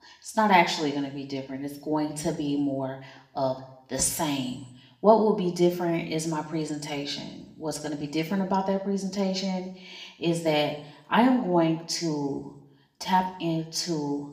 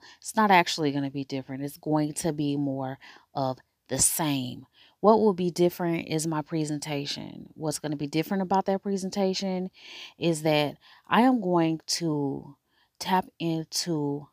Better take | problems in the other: second | room echo; slight; dies away in 0.7 s // off-mic speech; somewhat distant

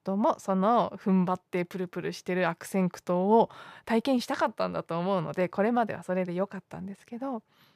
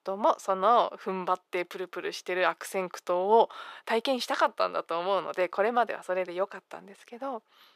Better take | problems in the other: first | thin; somewhat; fading below 350 Hz

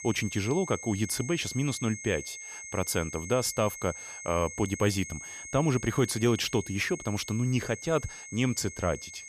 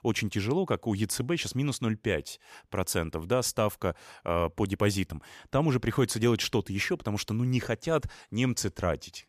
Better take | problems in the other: second | high-pitched whine; noticeable; throughout; 6.5 kHz, 10 dB below the speech

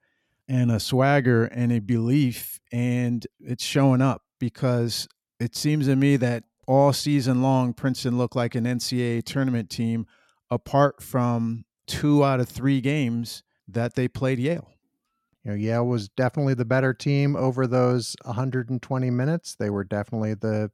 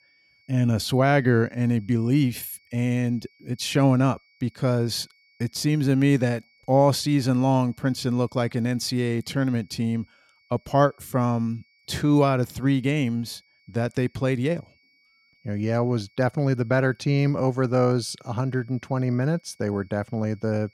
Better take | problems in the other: first | high-pitched whine; faint; throughout; 2 kHz, 35 dB below the speech

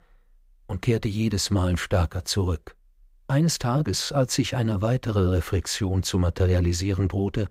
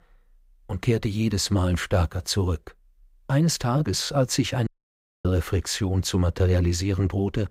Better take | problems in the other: first | audio cutting out; at 4.5 s for 0.5 s

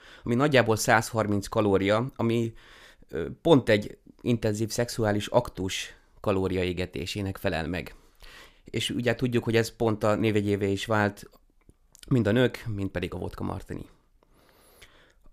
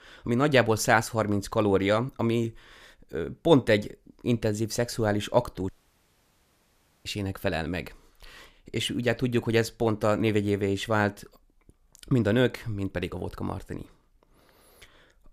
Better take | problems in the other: first | audio cutting out; at 5.5 s for 1.5 s

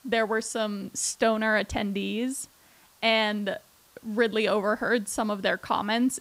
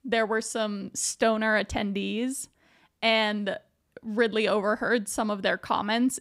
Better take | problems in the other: second | hiss; faint; throughout; 30 dB below the speech

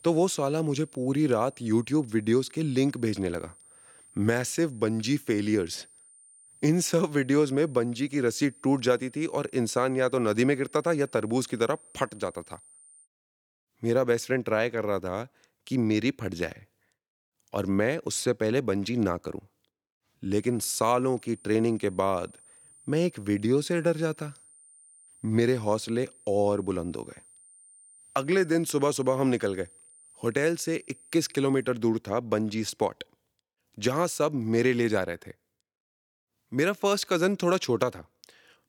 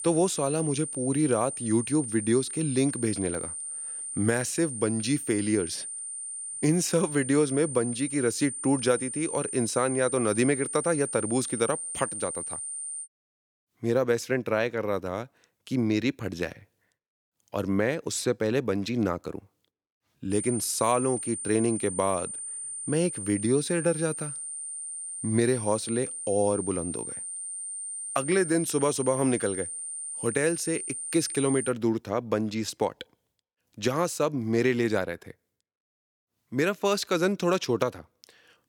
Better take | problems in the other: first | high-pitched whine; loud; until 13 s and from 20 to 32 s; 9 kHz, 6 dB below the speech; faint in the first

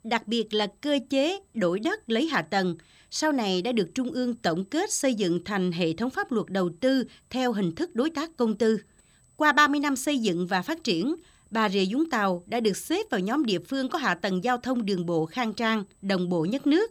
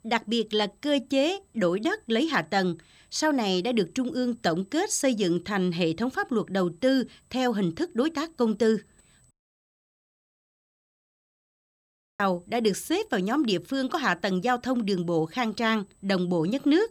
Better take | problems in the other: first | audio cutting out; at 9.5 s for 3 s

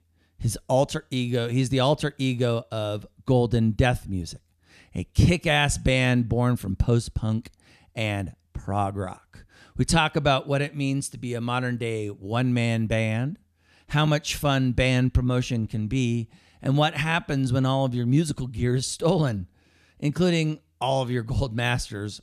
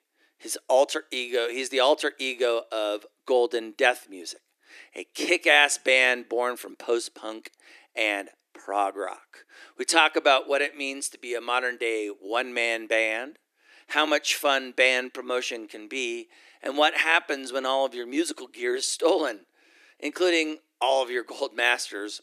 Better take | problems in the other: first | thin; very; fading below 300 Hz

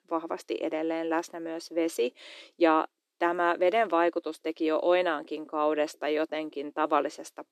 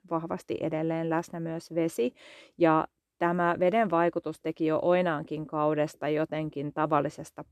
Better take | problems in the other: second | thin; somewhat; fading below 350 Hz

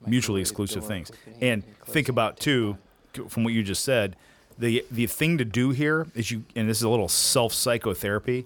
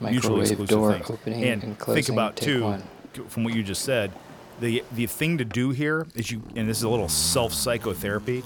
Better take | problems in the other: first | household noises; loud; throughout; 2 dB below the speech; faint in the first

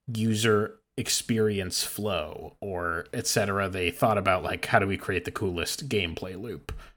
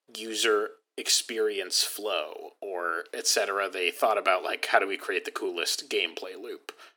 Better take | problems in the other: first | thin; very; fading below 300 Hz

